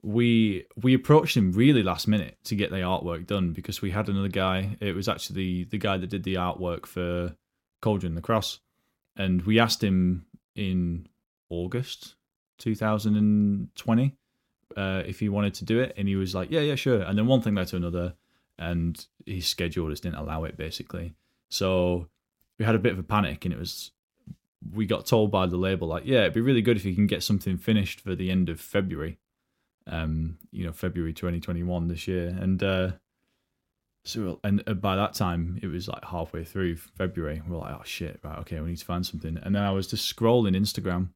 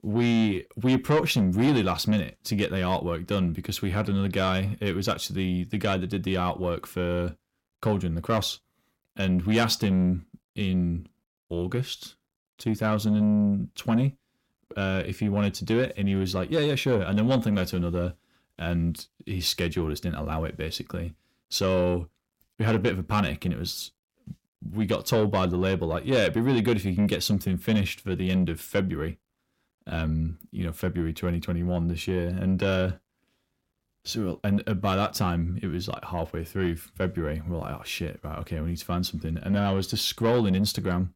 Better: first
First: none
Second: distortion; slight; 10 dB below the speech

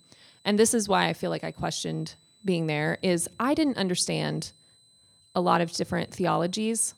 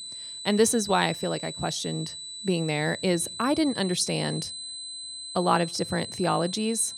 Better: first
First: high-pitched whine; faint; throughout; 4 kHz, 30 dB below the speech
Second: high-pitched whine; loud; throughout; 4 kHz, 9 dB below the speech

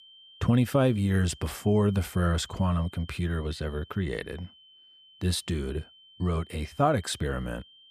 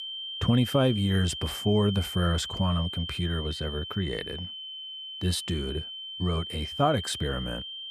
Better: first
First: high-pitched whine; faint; throughout; 3 kHz, 25 dB below the speech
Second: high-pitched whine; loud; throughout; 3 kHz, 7 dB below the speech

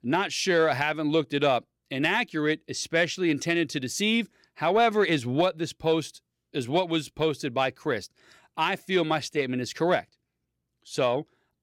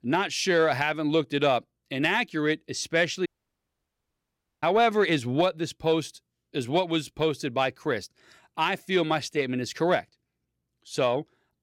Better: first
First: none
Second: audio cutting out; at 3.5 s for 1.5 s

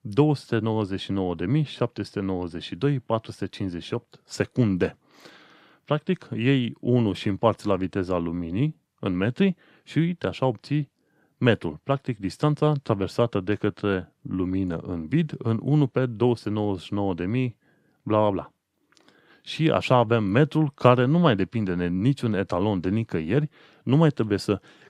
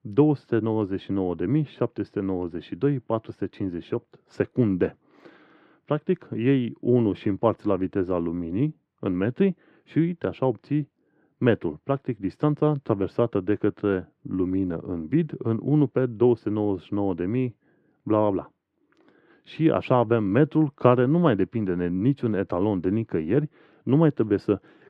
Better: first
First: none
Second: muffled; slightly; fading above 4 kHz

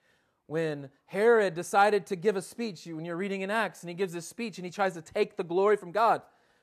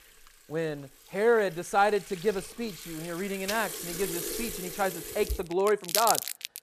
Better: first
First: none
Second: household noises; loud; throughout; 5 dB below the speech

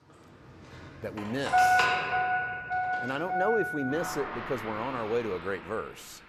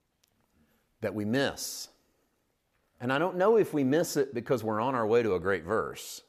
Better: second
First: traffic noise; very loud; throughout; 4 dB above the speech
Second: none

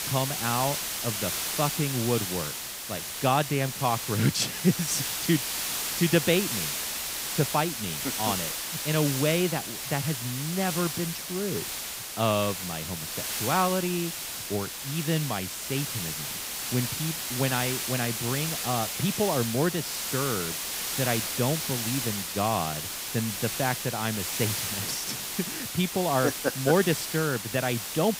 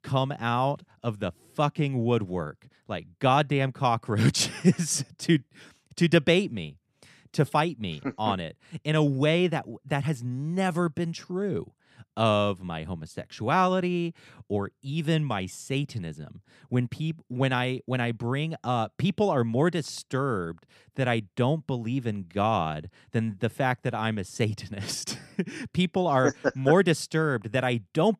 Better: second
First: hiss; loud; throughout; 1 dB below the speech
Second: none

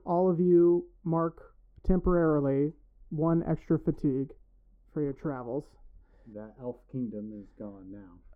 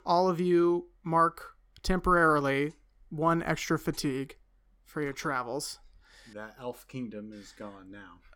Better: second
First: muffled; very; fading above 1.5 kHz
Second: none

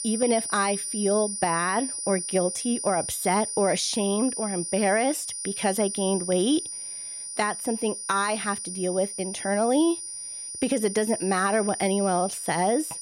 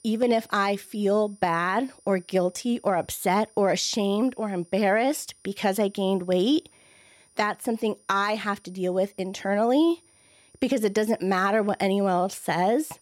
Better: second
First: high-pitched whine; loud; throughout; 9.5 kHz, 5 dB below the speech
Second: high-pitched whine; faint; throughout; 9.5 kHz, 30 dB below the speech

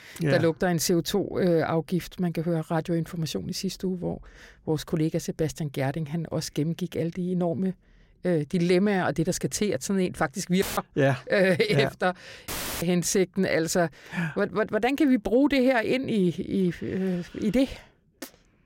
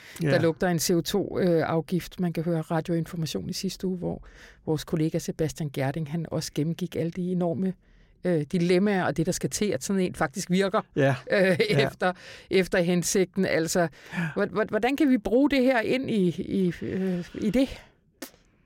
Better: second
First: audio cutting out; filled with static; at 11 s and at 12 s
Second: none

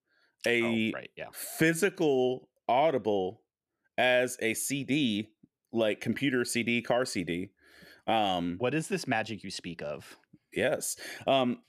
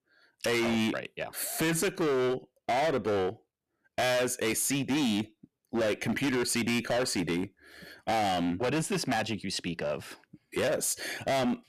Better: first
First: none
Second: distortion; heavy; 21% of the sound clipped

